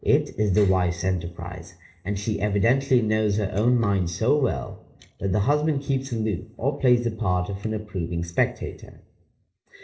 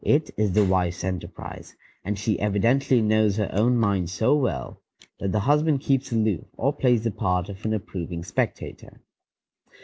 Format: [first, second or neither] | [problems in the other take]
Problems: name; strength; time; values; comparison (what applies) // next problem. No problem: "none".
second | room echo; dies away in 0.5 s